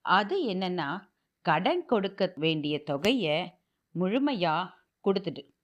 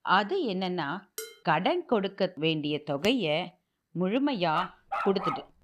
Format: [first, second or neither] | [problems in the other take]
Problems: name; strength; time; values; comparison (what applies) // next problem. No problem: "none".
first | clattering dishes; faint; at 1 s; peak 10 dB below the speech // dog barking; noticeable; at 4.5 s; peak 3 dB below the speech